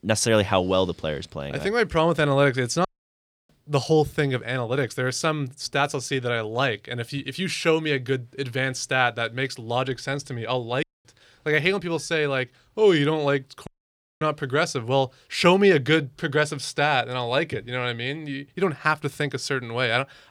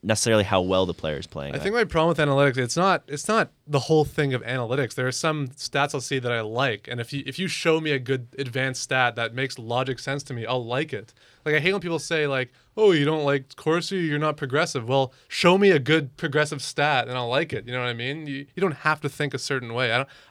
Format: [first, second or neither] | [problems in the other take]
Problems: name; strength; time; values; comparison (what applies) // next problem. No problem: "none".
second | audio cutting out; at 3 s for 0.5 s, at 11 s and at 14 s for 0.5 s